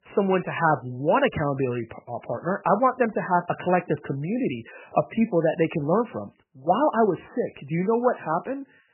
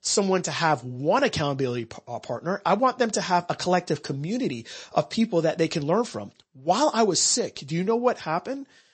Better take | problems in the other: second | garbled, watery; badly; nothing above 3 kHz; slightly in the second

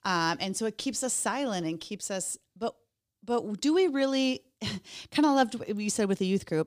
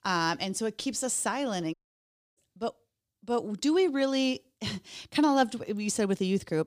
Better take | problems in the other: first | audio cutting out; at 1.5 s for 0.5 s

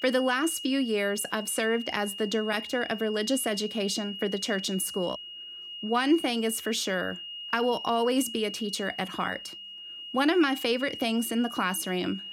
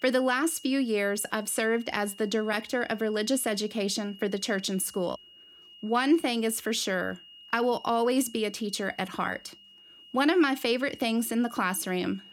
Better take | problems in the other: second | high-pitched whine; loud; throughout; 3 kHz, 10 dB below the speech; faint in the second

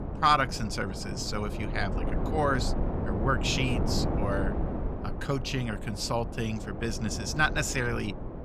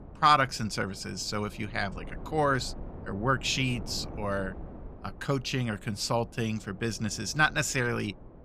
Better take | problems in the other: second | wind noise on the microphone; heavy; 9 dB below the speech; occasional gusts in the second

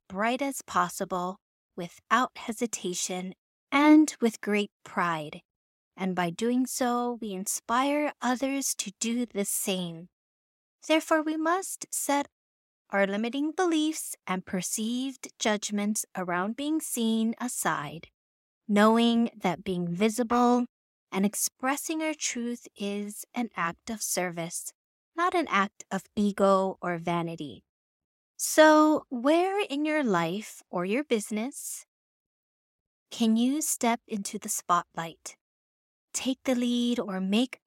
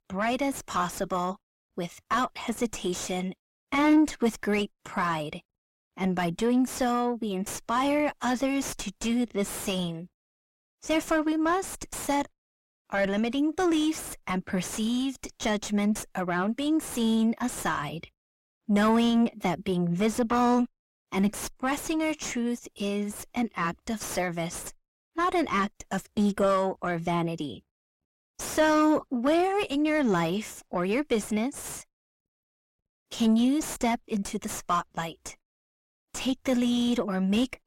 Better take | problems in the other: first | distortion; heavy; 6 dB below the speech

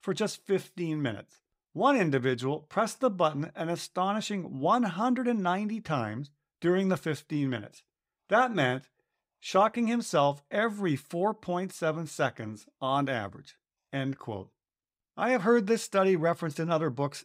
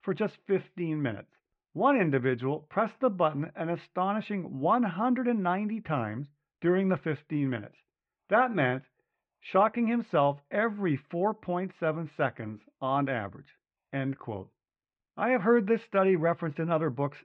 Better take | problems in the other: first | muffled; very; fading above 2.5 kHz

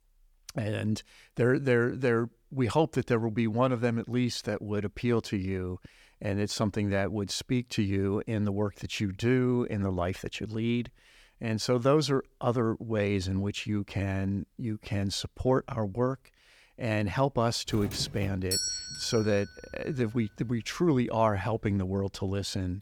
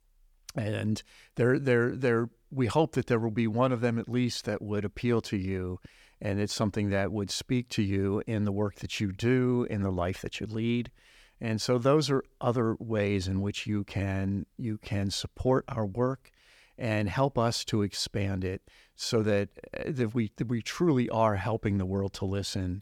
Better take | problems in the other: second | doorbell; loud; from 18 to 19 s; peak 1 dB above the speech

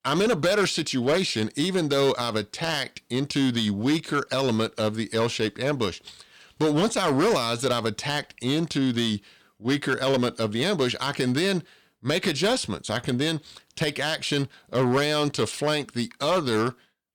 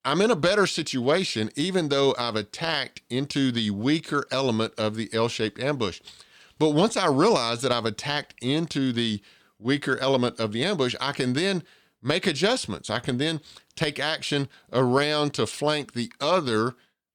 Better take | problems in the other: second | distortion; slight; 7% of the sound clipped

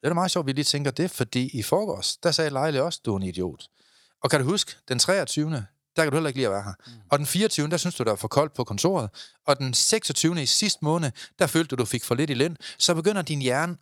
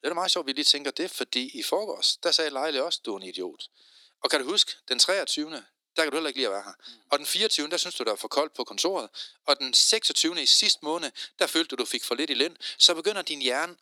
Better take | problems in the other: first | thin; somewhat; fading below 250 Hz

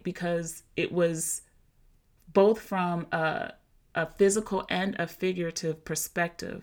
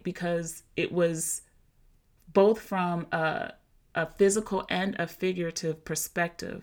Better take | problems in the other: neither | none

